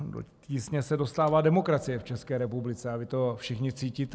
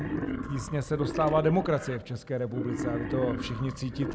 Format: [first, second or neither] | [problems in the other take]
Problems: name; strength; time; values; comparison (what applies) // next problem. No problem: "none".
first | background sound (Wild animals); 5 dB below the speech